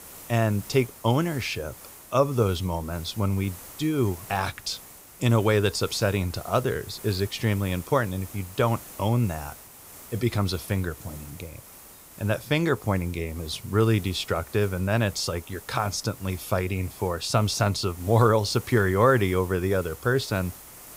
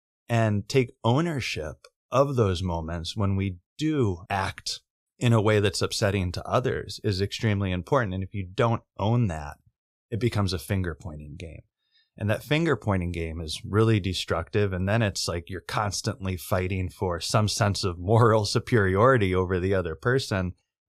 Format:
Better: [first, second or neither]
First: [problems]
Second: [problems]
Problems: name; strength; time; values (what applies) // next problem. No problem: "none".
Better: second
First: hiss; noticeable; throughout; 15 dB below the speech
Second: none